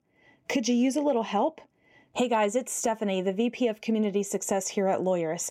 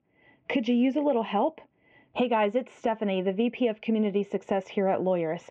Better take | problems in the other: first | muffled; very; fading above 3 kHz

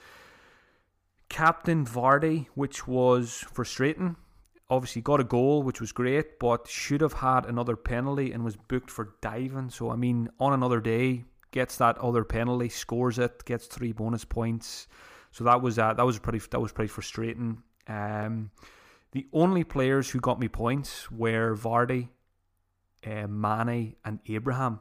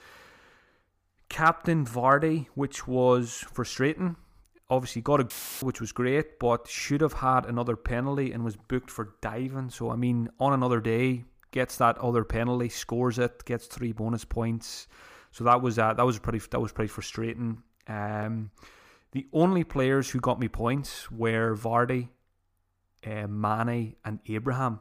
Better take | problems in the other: first | audio cutting out; filled with static; at 5.5 s

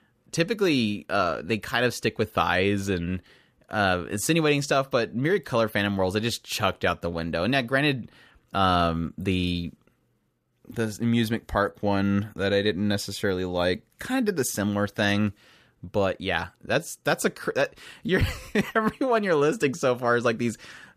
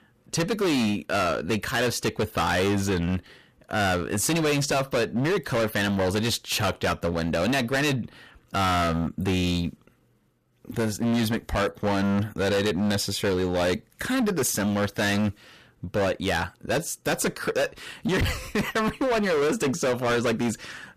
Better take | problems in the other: first | distortion; heavy; 21% of the sound clipped

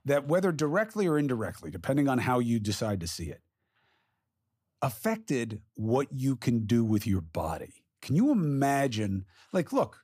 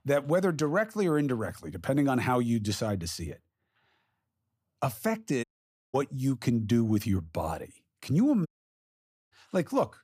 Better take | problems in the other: first | audio cutting out; at 5.5 s and at 8.5 s for 1 s

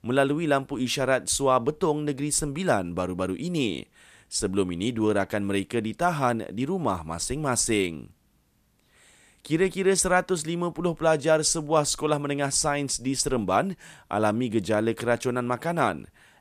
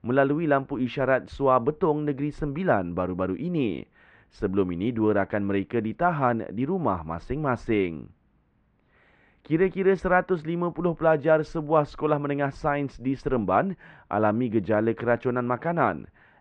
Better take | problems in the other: first | muffled; very; fading above 2 kHz

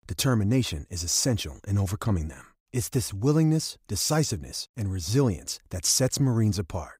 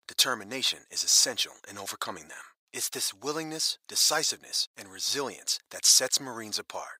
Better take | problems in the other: first | thin; very; fading below 750 Hz

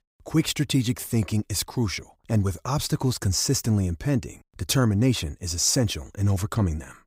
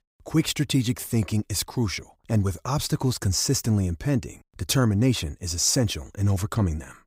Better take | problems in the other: neither | none

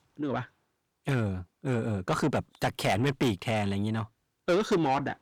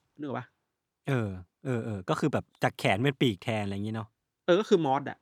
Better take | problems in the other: second | distortion; heavy; 7 dB below the speech

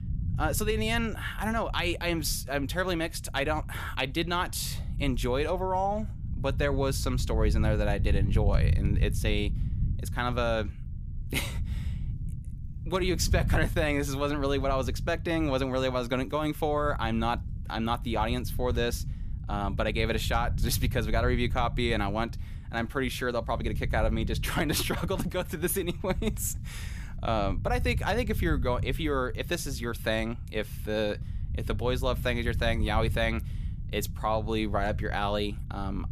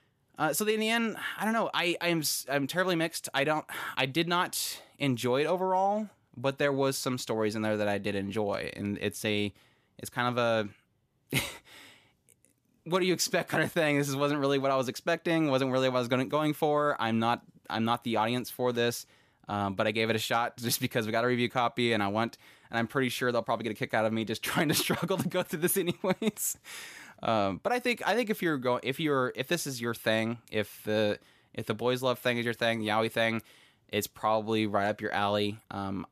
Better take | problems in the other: second | low rumble; noticeable; throughout; 20 dB below the speech

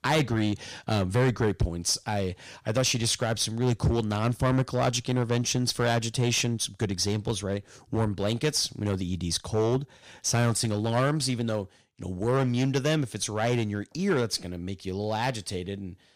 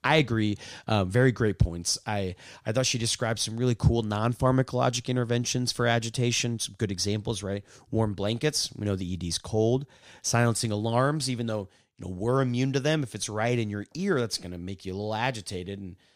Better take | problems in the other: second | distortion; slight; 5% of the sound clipped

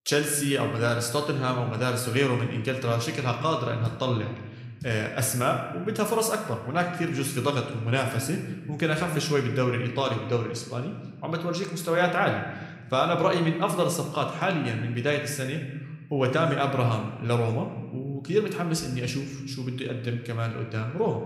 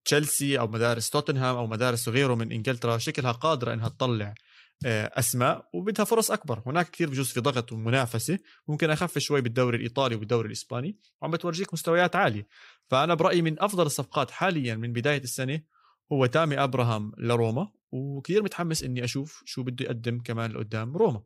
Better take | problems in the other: second | room echo; slight; dies away in 1.1 s

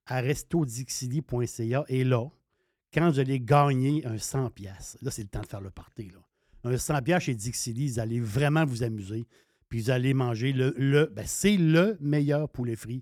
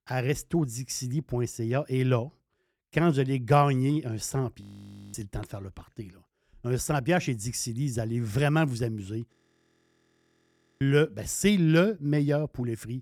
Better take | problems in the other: first | audio freezing; at 4.5 s for 0.5 s and at 9.5 s for 1.5 s

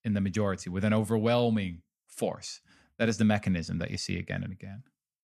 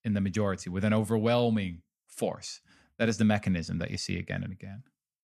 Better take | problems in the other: neither | none

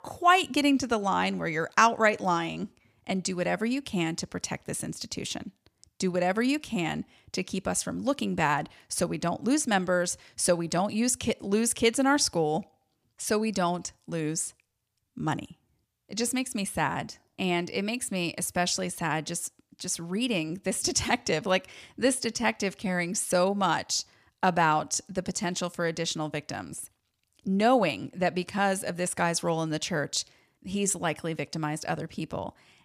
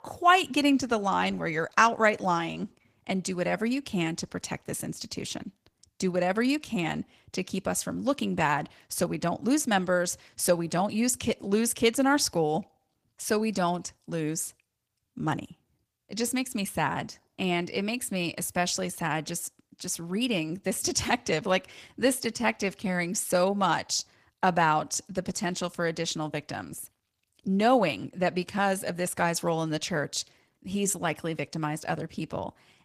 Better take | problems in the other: first | garbled, watery; slightly

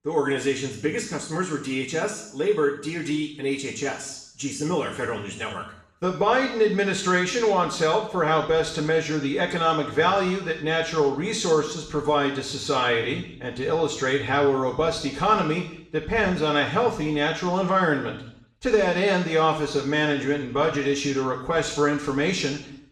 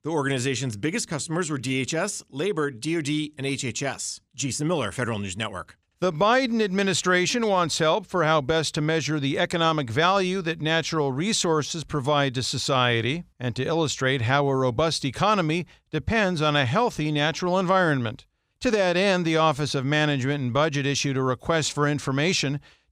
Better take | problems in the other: second | room echo; noticeable; dies away in 0.7 s // off-mic speech; far

